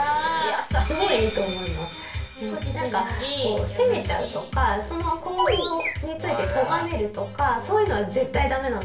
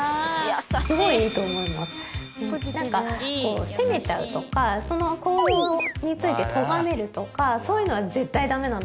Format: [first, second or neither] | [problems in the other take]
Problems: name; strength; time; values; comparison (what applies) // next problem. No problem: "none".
second | room echo; dies away in 0.3 s